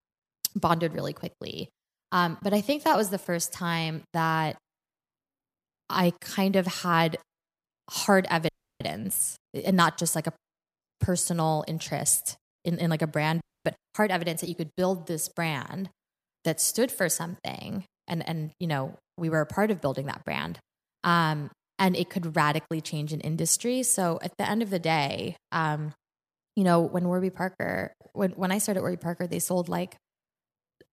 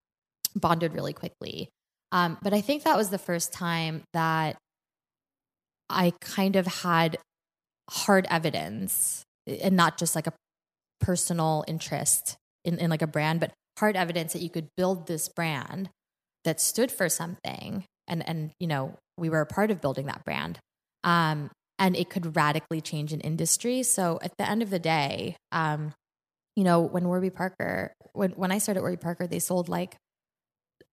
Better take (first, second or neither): second